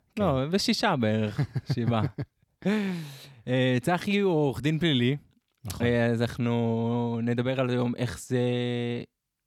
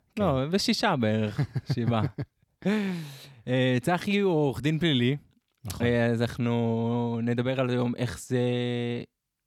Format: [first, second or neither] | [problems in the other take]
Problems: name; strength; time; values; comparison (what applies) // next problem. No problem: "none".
neither | none